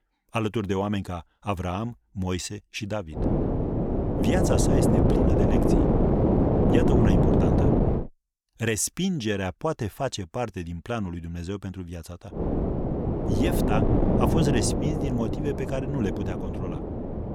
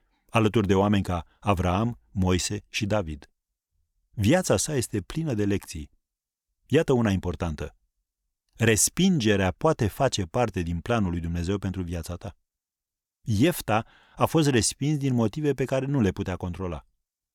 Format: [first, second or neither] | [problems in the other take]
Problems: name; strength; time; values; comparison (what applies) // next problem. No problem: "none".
second | wind noise on the microphone; heavy; from 3 to 8 s and from 12 s on; 3 dB above the speech